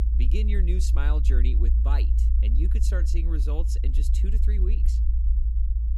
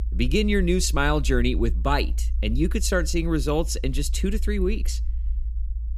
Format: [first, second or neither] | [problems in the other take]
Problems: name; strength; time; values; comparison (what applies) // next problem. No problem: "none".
second | low rumble; loud; throughout; 4 dB below the speech; faint in the second